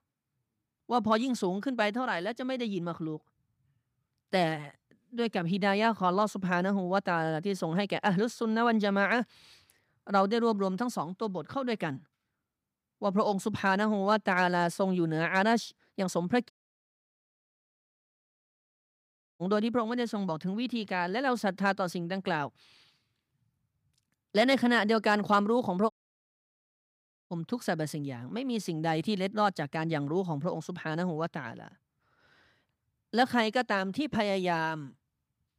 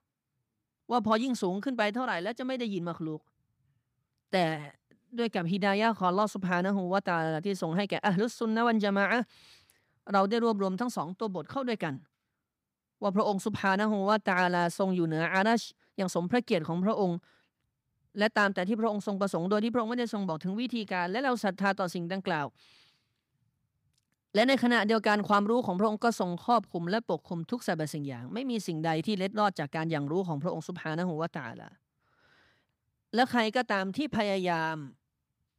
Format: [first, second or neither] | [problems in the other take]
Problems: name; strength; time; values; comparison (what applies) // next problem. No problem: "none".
second | audio cutting out; at 17 s for 3 s and at 26 s for 1.5 s